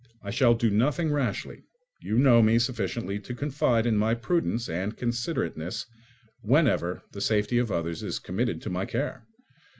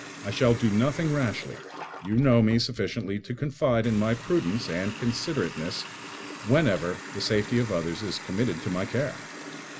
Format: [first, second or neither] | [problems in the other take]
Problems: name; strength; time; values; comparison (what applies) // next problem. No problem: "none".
first | background sound (Water tap, faucet); 14 dB below the speech